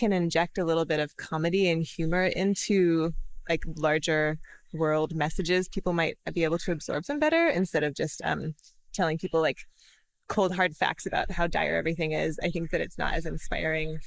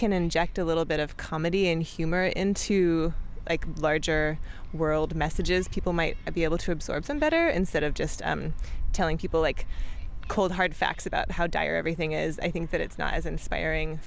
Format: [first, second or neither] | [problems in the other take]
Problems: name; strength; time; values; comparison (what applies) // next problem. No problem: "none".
second | noise reduction (neural mask model Resemble Enhance denoiser)